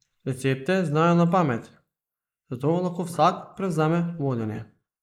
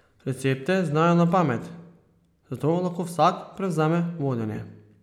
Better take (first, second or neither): second